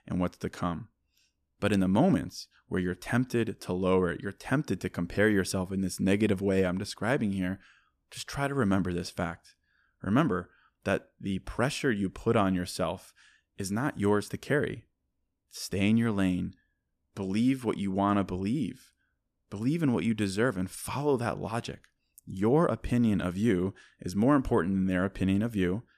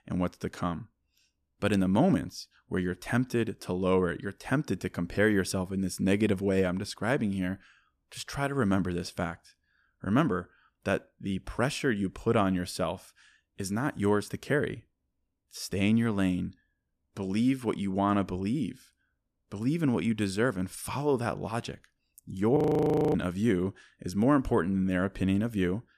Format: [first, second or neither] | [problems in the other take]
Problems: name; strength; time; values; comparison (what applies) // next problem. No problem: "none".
first | audio freezing; at 23 s for 0.5 s